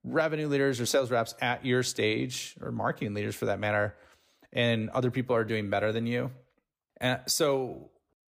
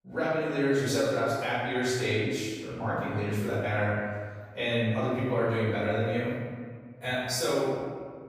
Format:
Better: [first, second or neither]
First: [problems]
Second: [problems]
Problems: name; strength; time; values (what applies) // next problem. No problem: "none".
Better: first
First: none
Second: off-mic speech; far // room echo; strong; dies away in 1.5 s